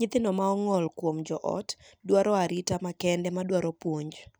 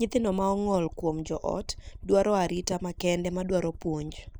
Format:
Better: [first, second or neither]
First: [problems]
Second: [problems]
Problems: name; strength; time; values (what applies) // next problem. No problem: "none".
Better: first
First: none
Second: noise reduction (neural mask model Resemble Enhance denoiser)